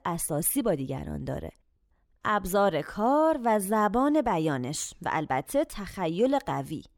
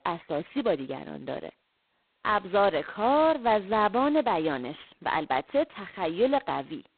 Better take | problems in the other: first | phone-call audio; poor line; nothing above 4 kHz

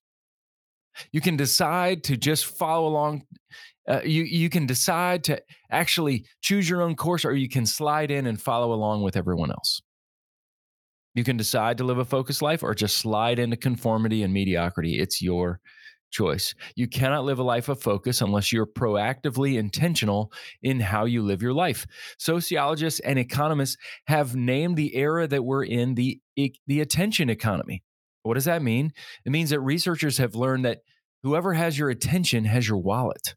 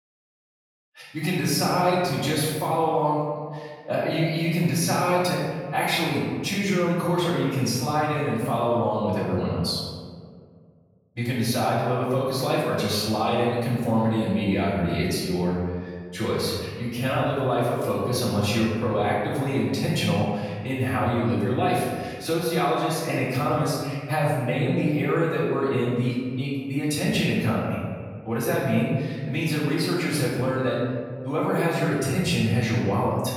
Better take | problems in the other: first | off-mic speech; far // room echo; strong; dies away in 1.7 s

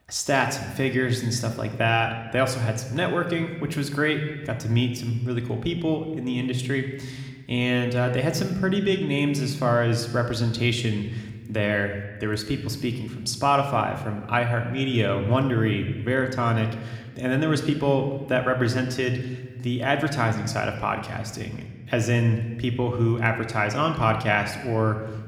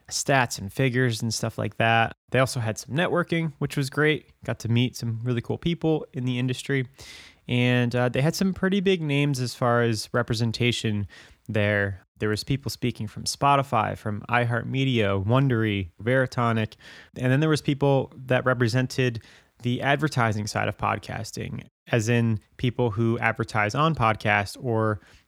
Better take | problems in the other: second | room echo; slight; dies away in 1.1 s

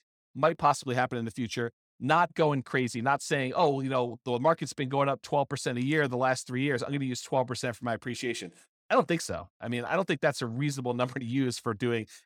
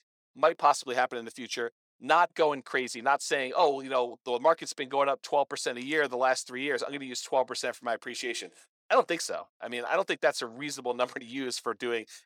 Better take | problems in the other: first | thin; somewhat; fading below 500 Hz

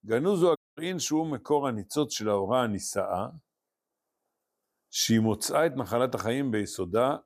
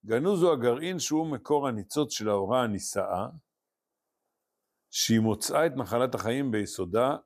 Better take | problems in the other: second | audio cutting out; at 0.5 s

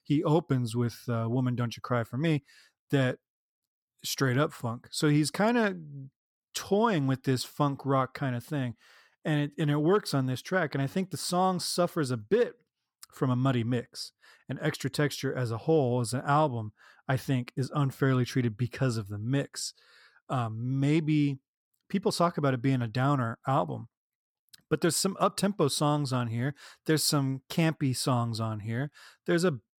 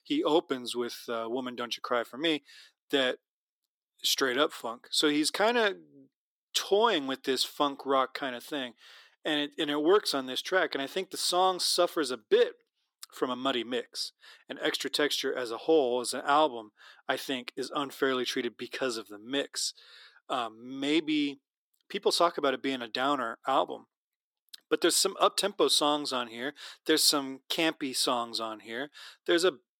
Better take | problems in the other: first | thin; somewhat; fading below 350 Hz

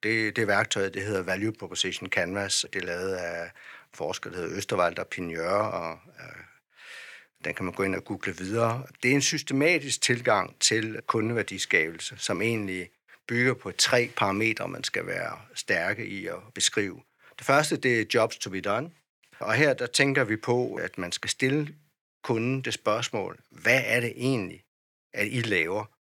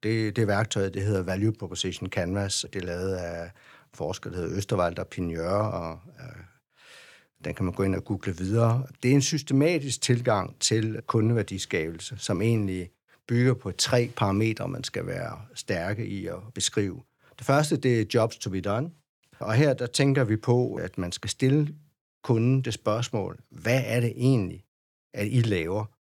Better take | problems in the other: second | thin; somewhat; fading below 400 Hz

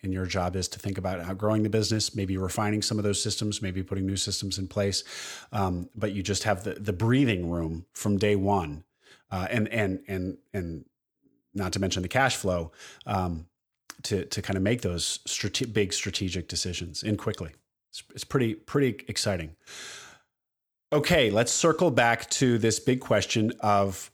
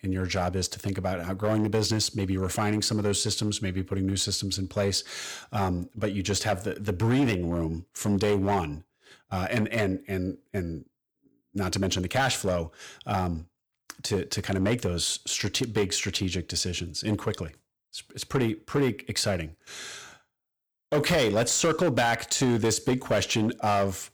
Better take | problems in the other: first | distortion; slight; 5% of the sound clipped

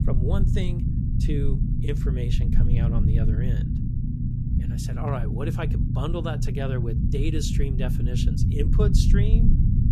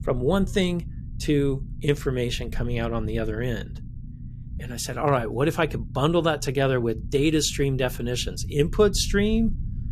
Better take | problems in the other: second | low rumble; loud; throughout; 2 dB below the speech; faint in the second

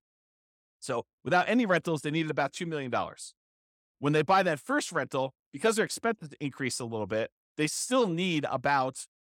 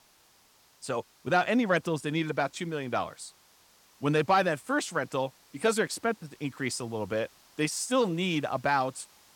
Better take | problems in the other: first | hiss; faint; throughout; 30 dB below the speech

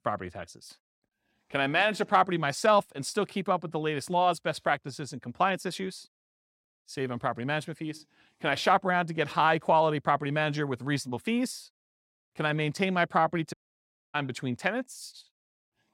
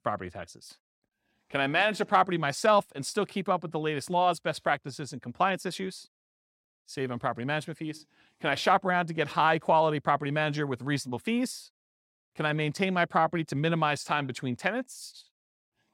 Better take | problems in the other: second | audio cutting out; at 14 s for 0.5 s

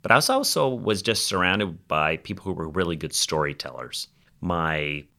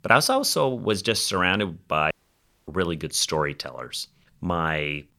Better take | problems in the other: first | audio cutting out; at 2 s for 0.5 s

